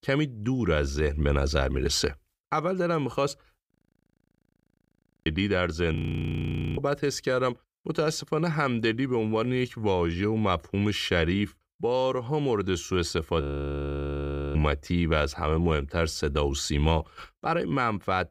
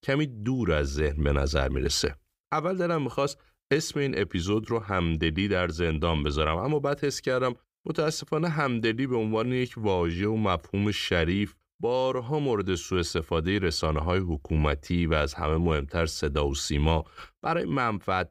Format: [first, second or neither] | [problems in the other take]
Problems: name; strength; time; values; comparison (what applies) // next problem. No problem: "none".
second | audio freezing; at 3.5 s for 1.5 s, at 6 s for 1 s and at 13 s for 1 s